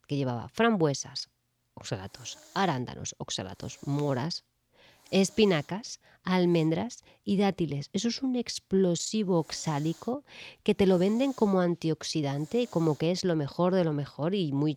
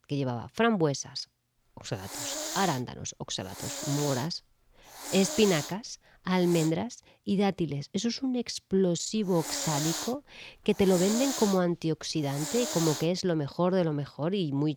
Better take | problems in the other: first | hiss; loud; from 1.5 to 6.5 s and from 9 to 13 s; 6 dB below the speech; faint in the first

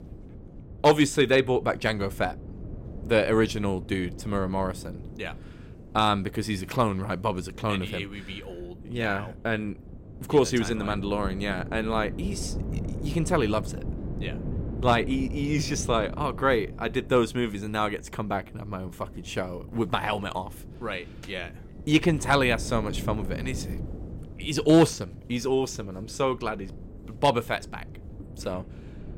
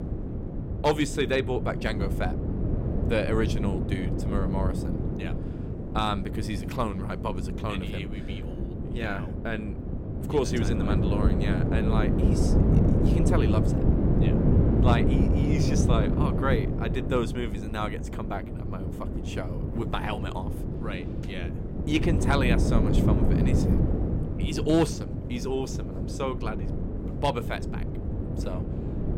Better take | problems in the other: first | wind noise on the microphone; heavy; 3 dB below the speech; occasional gusts in the first

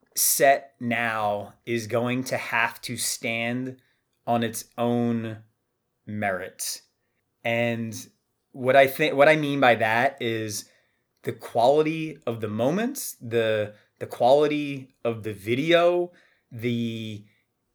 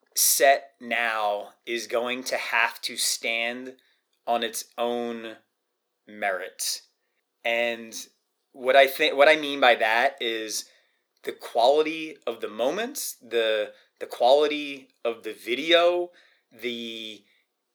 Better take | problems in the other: first | thin; somewhat; fading below 350 Hz

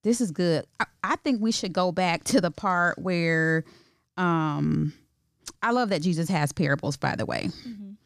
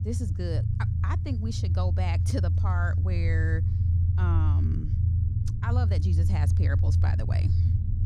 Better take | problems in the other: first | low rumble; loud; throughout; 3 dB below the speech

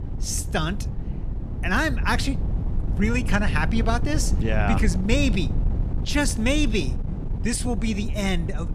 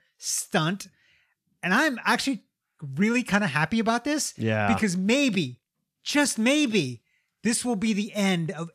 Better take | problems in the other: second | wind noise on the microphone; occasional gusts; 15 dB below the speech

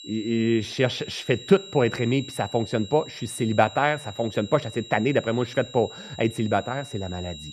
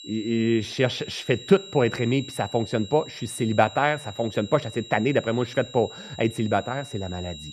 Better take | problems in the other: neither | high-pitched whine; noticeable; throughout; 4 kHz, 15 dB below the speech; the same in both

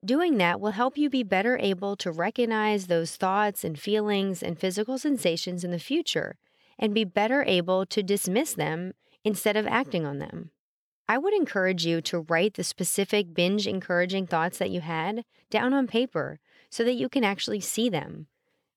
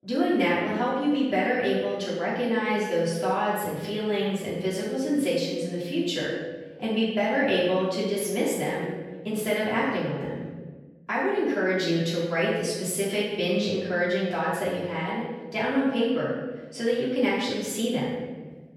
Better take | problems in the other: first | room echo; noticeable; dies away in 1.2 s // off-mic speech; far

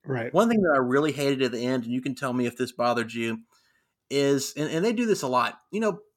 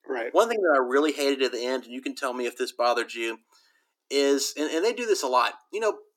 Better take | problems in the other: first | thin; somewhat; fading below 300 Hz

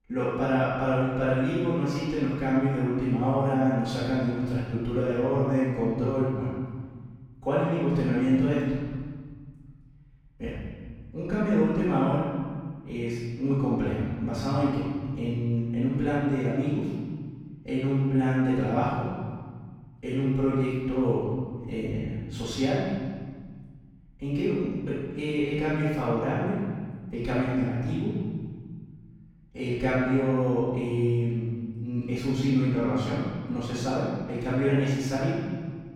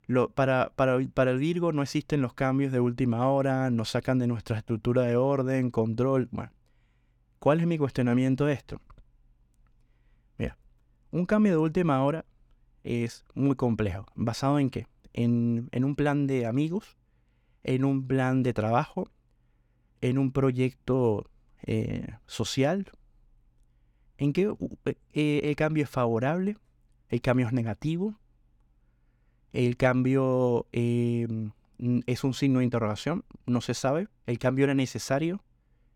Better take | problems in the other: second | off-mic speech; far // room echo; strong; dies away in 1.7 s

